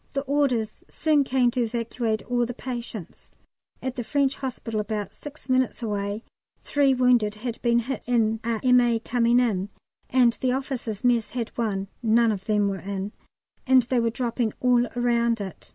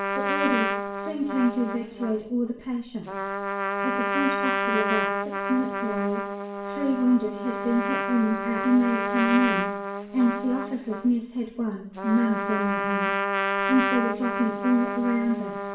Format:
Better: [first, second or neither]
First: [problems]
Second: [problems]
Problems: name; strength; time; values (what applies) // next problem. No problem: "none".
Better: first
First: none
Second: background sound (Trumpet); 2 dB below the speech // room echo; dies away in 0.6 s